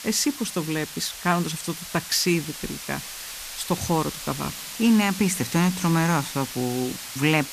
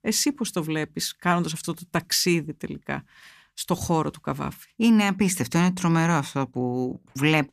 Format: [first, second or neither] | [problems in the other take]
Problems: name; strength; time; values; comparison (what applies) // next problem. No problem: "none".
second | hiss; loud; throughout; 9 dB below the speech